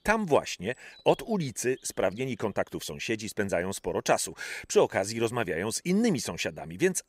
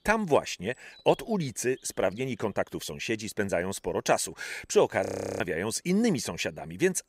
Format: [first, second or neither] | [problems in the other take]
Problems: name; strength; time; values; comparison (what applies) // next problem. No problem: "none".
first | audio freezing; at 5 s